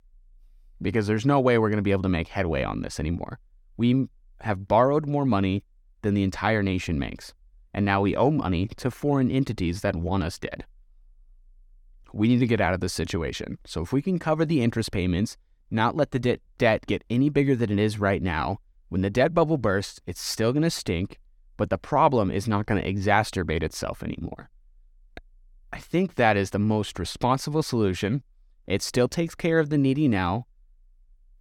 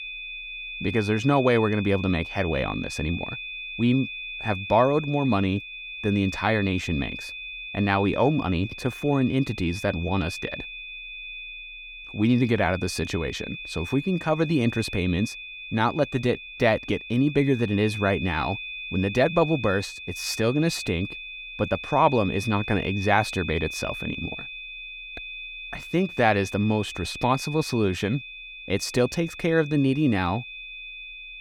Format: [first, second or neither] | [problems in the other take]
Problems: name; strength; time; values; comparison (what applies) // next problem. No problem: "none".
first | high-pitched whine; loud; throughout; 2.5 kHz, 10 dB below the speech